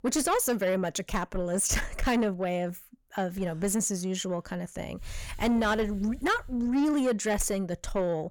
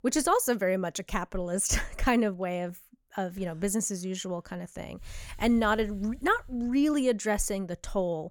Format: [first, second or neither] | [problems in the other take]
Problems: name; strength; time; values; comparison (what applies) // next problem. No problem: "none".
second | distortion; slight; 10 dB below the speech